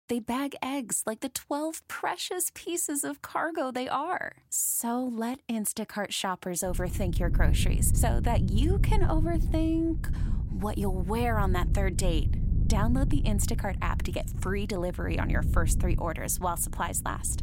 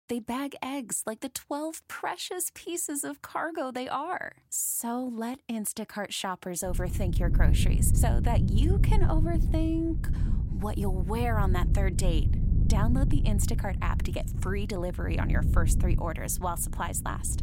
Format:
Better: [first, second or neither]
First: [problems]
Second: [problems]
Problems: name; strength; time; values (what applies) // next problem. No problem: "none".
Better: first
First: wind noise on the microphone; occasional gusts; from 6.5 s on; 10 dB below the speech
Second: wind noise on the microphone; heavy; from 6.5 s on; 9 dB below the speech